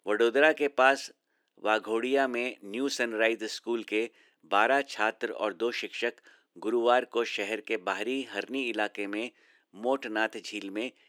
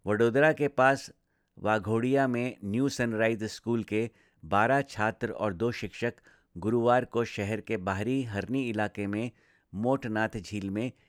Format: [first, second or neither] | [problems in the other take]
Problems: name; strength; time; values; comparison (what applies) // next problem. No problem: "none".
second | thin; somewhat; fading below 300 Hz